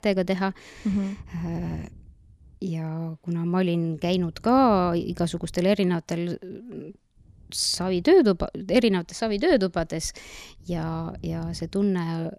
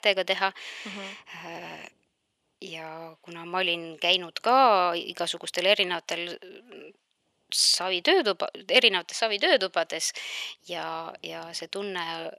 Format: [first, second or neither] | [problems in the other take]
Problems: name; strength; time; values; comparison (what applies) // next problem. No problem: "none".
first | thin; very; fading below 700 Hz